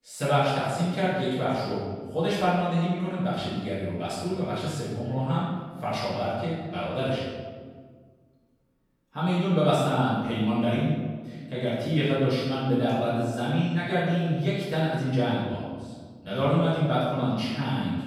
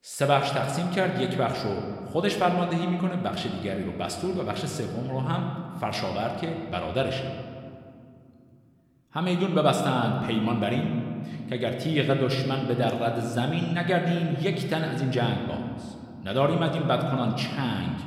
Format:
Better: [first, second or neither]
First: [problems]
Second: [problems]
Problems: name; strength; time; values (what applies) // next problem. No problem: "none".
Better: second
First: room echo; strong; dies away in 1.4 s // off-mic speech; far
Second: room echo; slight; dies away in 2 s